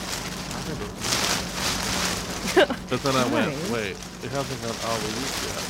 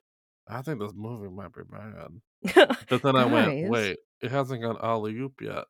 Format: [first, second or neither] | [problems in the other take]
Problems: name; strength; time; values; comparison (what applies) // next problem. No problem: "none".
second | wind noise on the microphone; heavy; 2 dB below the speech